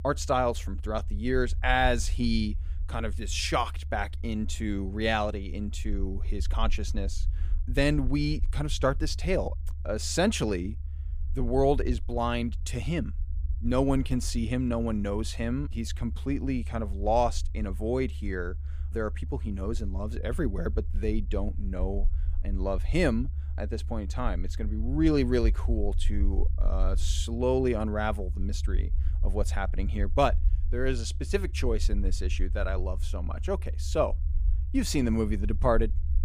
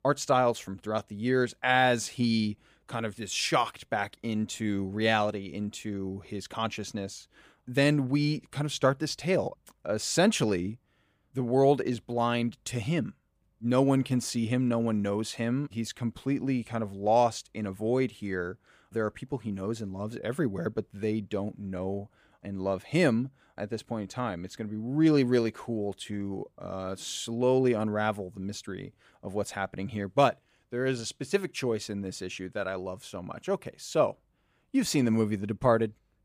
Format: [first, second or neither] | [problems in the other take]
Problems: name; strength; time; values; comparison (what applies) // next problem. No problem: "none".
second | low rumble; faint; throughout; 20 dB below the speech